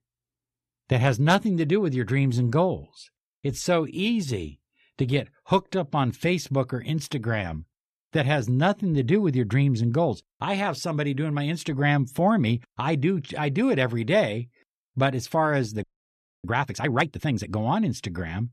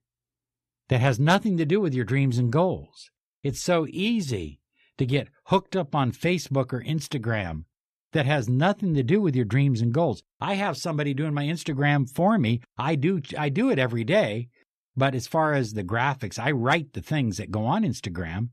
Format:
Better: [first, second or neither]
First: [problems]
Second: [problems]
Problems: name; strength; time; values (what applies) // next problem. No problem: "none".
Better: second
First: audio freezing; at 16 s for 0.5 s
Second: none